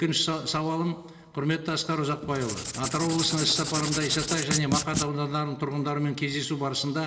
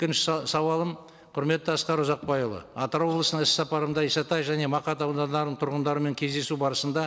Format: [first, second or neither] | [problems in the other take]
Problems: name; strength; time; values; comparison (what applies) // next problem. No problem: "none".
second | background sound (Writing); 4 dB below the speech // room echo; dies away in 1.6 s